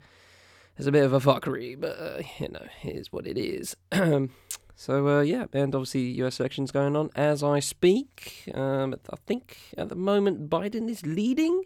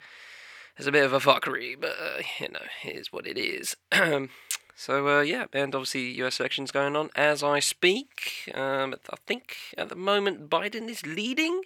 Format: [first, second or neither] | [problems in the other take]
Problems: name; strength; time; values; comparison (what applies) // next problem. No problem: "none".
first | thin; somewhat; fading below 750 Hz